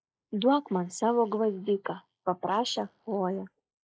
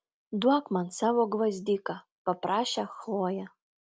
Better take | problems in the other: second | noise reduction (neural mask model Resemble Enhance denoiser)

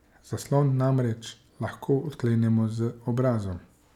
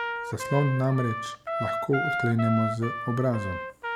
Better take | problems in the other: first | background sound (Trumpet); 4 dB below the speech

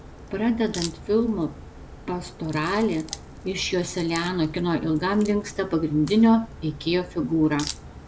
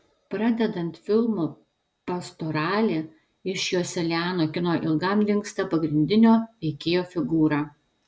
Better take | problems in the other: second | background sound (Crack); 15 dB below the speech

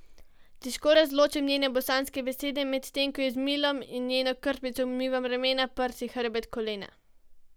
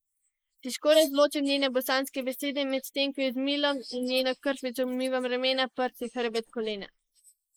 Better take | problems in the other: first | noise reduction (neural mask model Resemble Enhance denoiser)

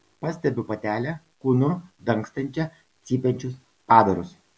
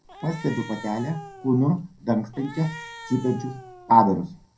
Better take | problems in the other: first | background sound (Cat); 17 dB below the speech // room echo; dies away in 0.2 s

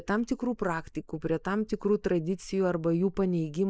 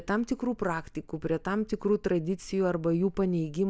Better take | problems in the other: second | noise reduction (neural mask model Resemble Enhance denoiser)

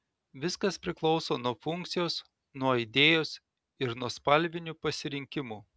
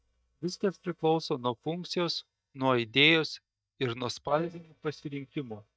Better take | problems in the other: first | noise reduction (neural mask model DeepFilterNet 3)

